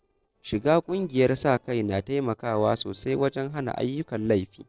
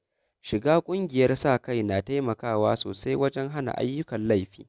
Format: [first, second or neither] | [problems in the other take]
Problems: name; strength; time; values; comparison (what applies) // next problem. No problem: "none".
second | noise reduction (neural separator model SepFormer DNS4)